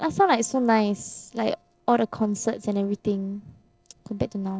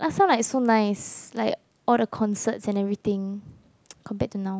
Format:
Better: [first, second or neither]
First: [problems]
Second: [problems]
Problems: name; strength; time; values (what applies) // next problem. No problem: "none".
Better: second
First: noise reduction (neural separator model SepFormer DNS4)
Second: none